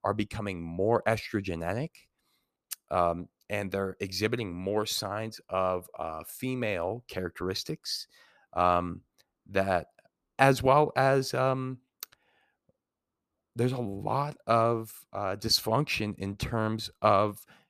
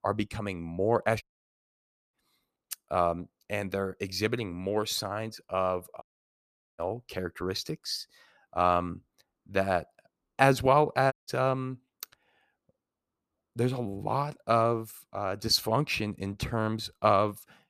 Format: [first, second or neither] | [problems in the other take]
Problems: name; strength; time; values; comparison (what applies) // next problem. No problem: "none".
first | audio cutting out; at 1 s for 1 s, at 6 s for 1 s and at 11 s